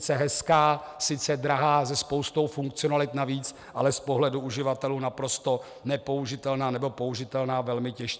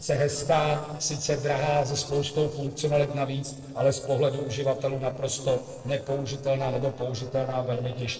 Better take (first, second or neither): first